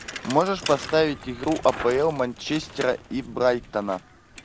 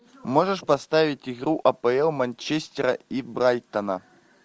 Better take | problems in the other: second | background sound (Bicycle); 14 dB below the speech

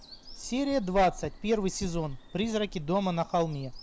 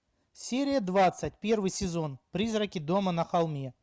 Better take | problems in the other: second | background sound (Bird vocalization, bird call, bird song); 12 dB below the speech

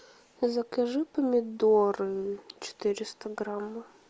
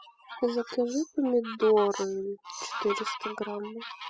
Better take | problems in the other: first | noise reduction (classical method spectral subtraction)

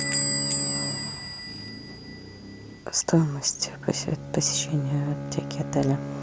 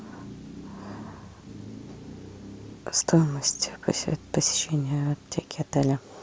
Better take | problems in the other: second | background sound (Squeak / Bell + Bowed string instrument); 3 dB below the speech

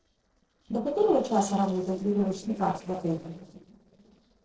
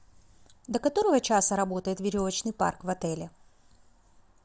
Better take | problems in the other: second | noise reduction (neural separator model SepFormer DNS4)

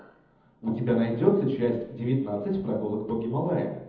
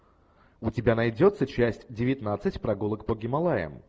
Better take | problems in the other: second | room echo; dies away in 1 s

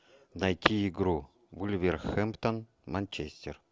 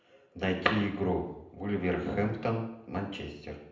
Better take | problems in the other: first | room echo; dies away in 0.7 s

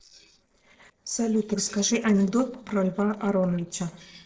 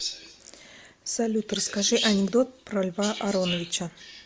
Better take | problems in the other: second | noise reduction (neural separator model SepFormer DNS4)

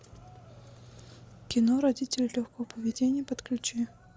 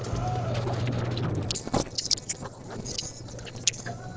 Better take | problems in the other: first | noise reduction (neural separator model SepFormer DNS4)

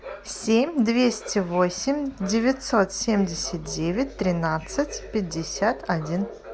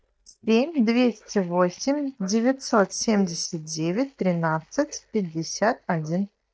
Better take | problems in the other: first | noise reduction (neural mask model DeepFilterNet 3)

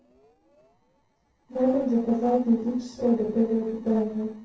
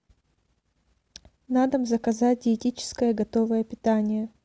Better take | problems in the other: second | noise reduction (neural separator model SepFormer DNS4)

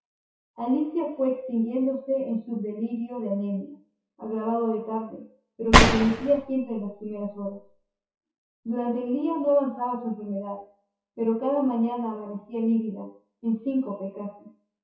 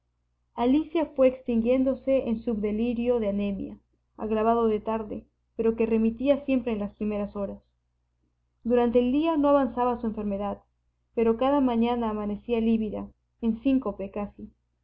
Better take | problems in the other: second | noise reduction (classical method WPE with log-MMSE)

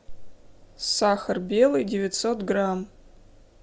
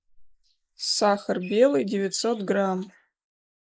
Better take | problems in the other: first | noise reduction (neural mask model Resemble Enhance denoiser)

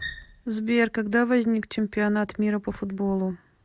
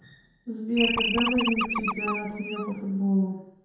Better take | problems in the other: first | background sound (Animal); 1 dB below the speech // room echo; dies away in 0.9 s

